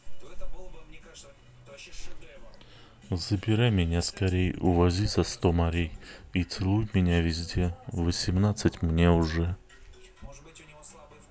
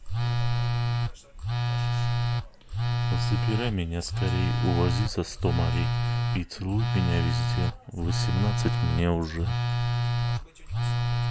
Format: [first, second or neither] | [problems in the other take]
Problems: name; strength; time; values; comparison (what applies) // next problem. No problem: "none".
first | background sound (Telephone); 4 dB above the speech